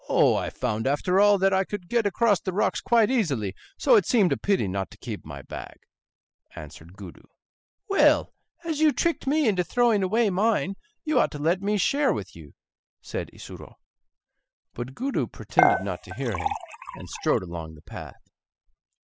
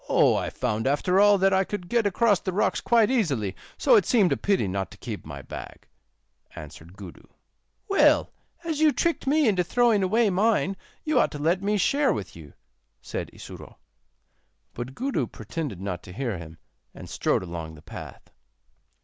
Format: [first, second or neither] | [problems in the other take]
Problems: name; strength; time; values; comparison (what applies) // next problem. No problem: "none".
second | noise reduction (classical method spectral subtraction)